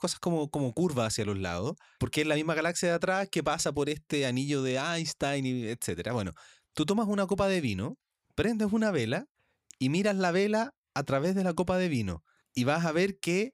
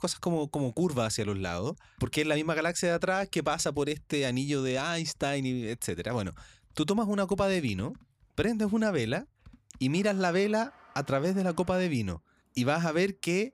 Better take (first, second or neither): first